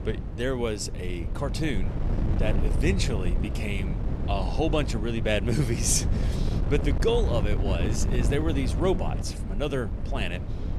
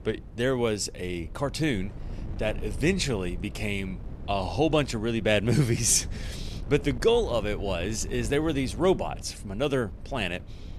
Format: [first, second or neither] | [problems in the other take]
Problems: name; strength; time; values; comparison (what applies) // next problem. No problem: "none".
second | wind noise on the microphone; heavy; 9 dB below the speech; occasional gusts in the second